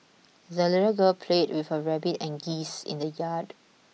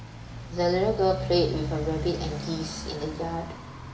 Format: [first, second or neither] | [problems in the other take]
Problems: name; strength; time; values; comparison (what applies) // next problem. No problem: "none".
first | background sound (Motorcycle); 6 dB below the speech // room echo; dies away in 0.7 s